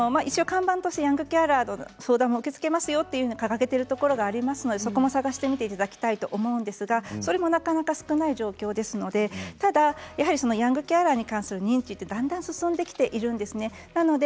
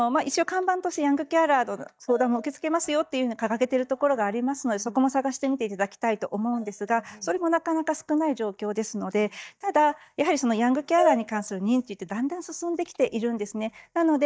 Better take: first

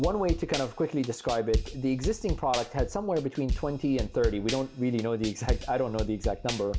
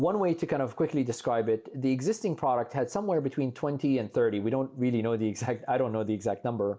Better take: second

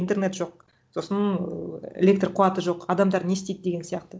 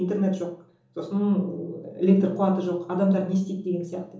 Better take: first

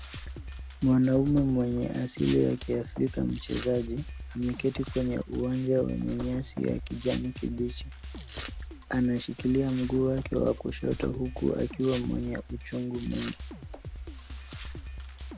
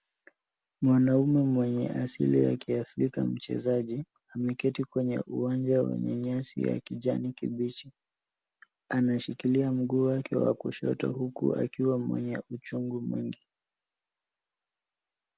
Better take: second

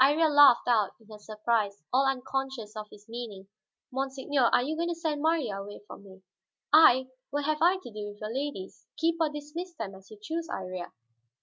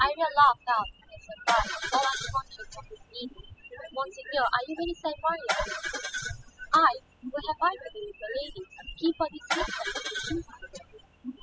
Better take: first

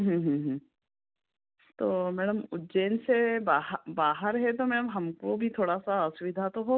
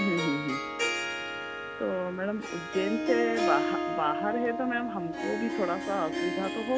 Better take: first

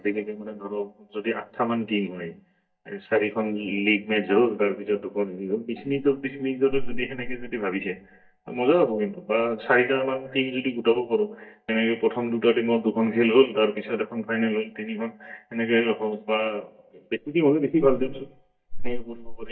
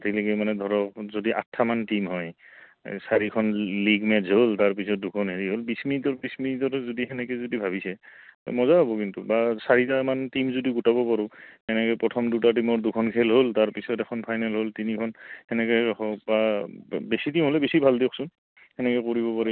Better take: second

